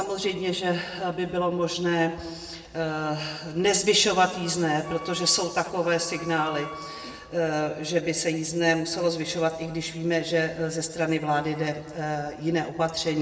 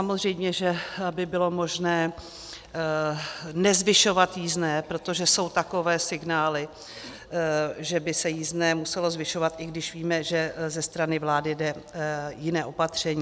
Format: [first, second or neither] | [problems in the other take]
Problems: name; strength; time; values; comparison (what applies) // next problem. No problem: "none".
second | background sound (Wind instrument, woodwind instrument); 16 dB below the speech // room echo; dies away in 1.4 s